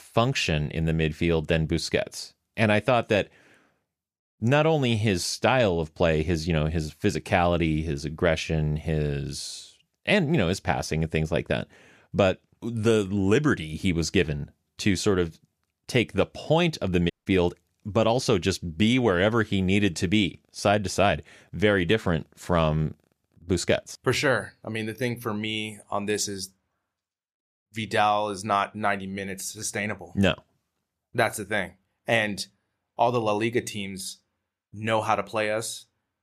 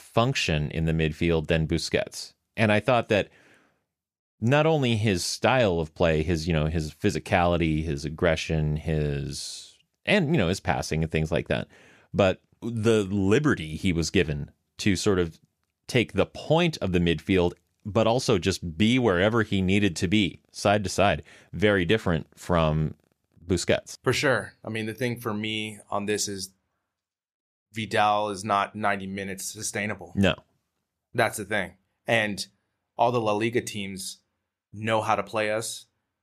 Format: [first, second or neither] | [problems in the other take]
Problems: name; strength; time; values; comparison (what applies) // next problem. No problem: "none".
second | audio cutting out; at 17 s